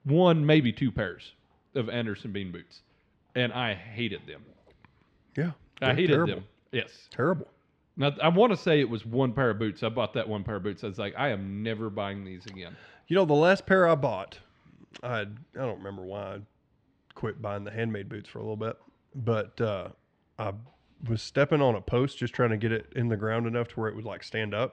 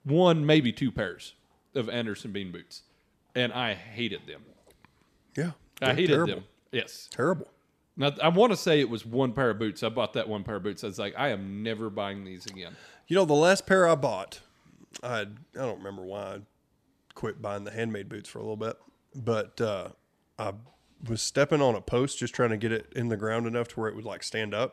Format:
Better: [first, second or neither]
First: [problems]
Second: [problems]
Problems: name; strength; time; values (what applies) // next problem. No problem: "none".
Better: second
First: muffled; slightly; fading above 3 kHz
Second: none